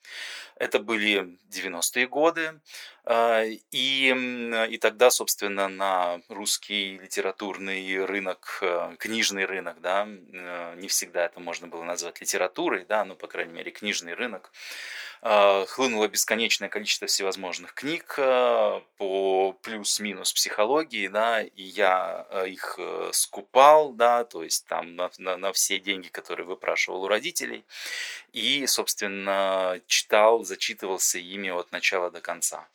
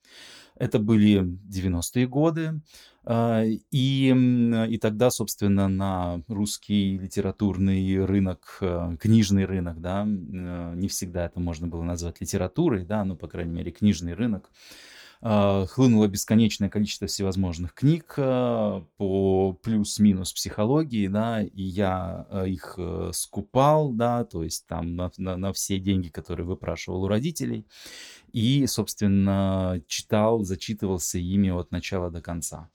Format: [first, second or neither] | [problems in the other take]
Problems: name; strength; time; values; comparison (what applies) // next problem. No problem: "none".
second | thin; very; fading below 500 Hz